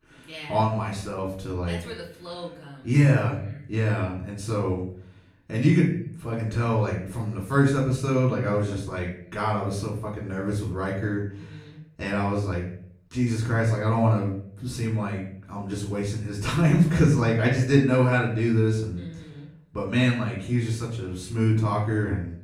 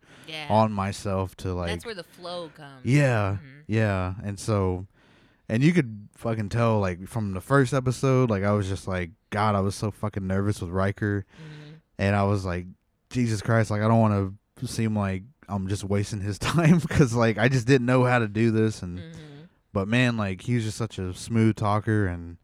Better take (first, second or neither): second